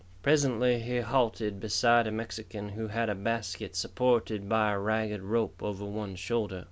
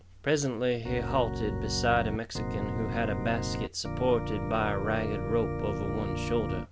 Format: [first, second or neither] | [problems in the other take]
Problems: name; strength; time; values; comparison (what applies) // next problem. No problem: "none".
first | background sound (Organ); 2 dB below the speech